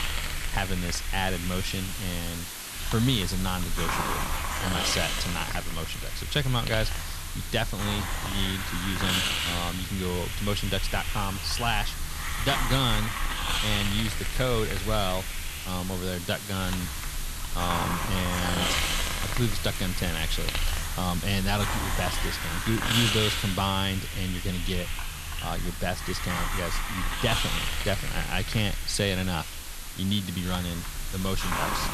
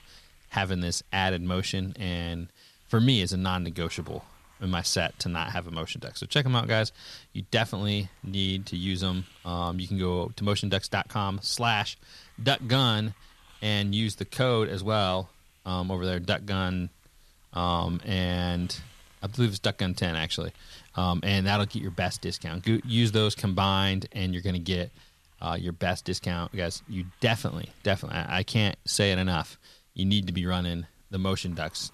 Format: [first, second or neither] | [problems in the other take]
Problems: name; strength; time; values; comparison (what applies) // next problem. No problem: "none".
second | hiss; loud; throughout; 1 dB below the speech; faint in the second